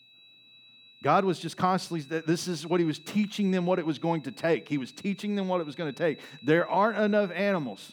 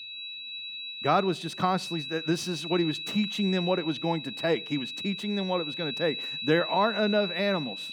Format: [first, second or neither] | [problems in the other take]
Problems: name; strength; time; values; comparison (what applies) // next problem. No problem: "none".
first | high-pitched whine; loud; throughout; 4 kHz, 5 dB below the speech; faint in the first